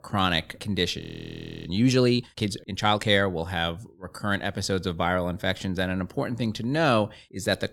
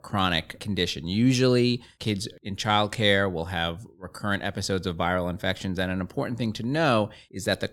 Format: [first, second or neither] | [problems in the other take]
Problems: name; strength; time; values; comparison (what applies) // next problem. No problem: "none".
second | audio freezing; at 1 s for 0.5 s